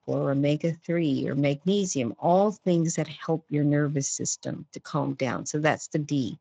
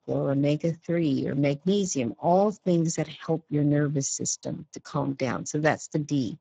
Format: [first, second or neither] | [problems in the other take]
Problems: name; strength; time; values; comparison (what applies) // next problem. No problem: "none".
first | garbled, watery; badly; nothing above 7.5 kHz; slightly in the first